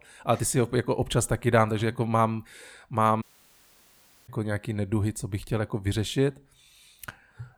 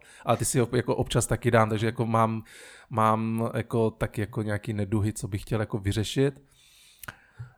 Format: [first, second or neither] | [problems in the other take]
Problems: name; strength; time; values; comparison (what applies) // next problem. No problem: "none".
second | audio cutting out; at 3 s for 1 s